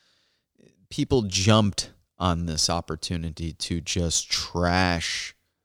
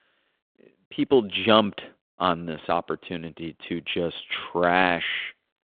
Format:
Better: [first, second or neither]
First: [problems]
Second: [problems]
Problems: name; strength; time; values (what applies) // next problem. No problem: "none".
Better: first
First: none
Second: phone-call audio